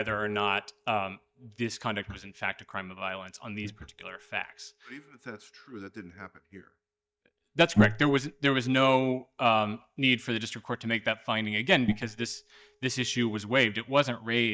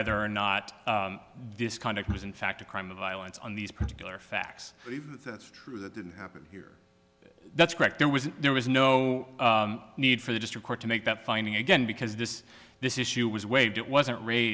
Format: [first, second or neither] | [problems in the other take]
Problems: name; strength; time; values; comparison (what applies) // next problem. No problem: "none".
second | noise reduction (neural mask model DeepFilterNet 3)